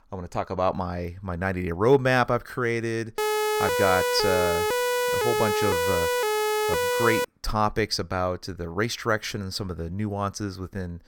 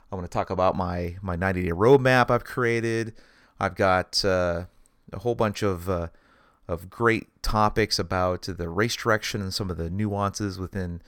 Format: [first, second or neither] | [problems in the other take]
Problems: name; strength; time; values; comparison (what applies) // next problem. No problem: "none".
second | siren; loud; from 3 to 7.5 s; peak 3 dB above the speech